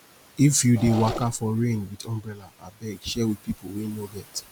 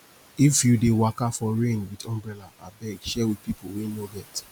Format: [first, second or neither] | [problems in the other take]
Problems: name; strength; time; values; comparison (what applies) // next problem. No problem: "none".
second | background sound (Engine / Mechanisms); 9 dB below the speech